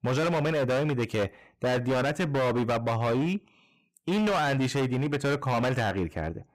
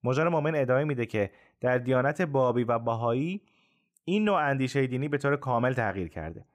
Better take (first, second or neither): second